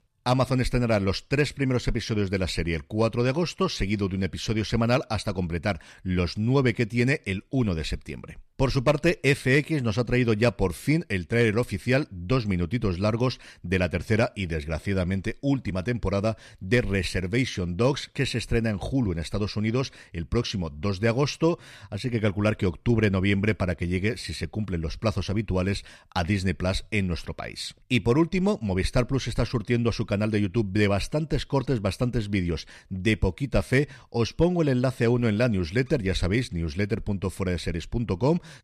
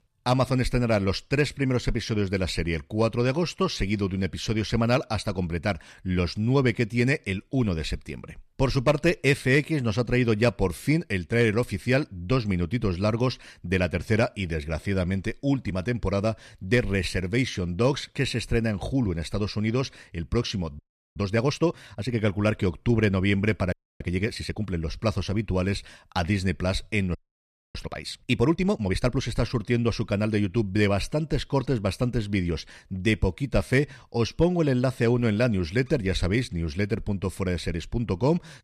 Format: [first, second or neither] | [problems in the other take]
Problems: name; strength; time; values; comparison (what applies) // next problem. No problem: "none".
first | audio freezing; at 21 s, at 24 s and at 27 s for 0.5 s